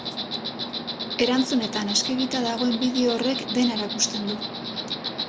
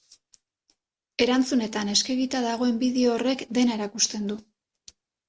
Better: second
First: background sound (Insect); 5 dB below the speech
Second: none

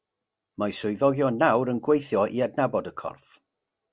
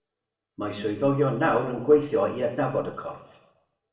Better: first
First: none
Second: room echo; dies away in 0.7 s

